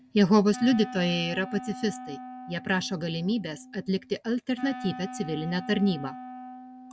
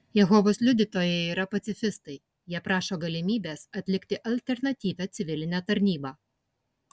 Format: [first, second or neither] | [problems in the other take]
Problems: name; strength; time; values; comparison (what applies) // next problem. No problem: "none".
second | background sound (Wind instrument, woodwind instrument); 14 dB below the speech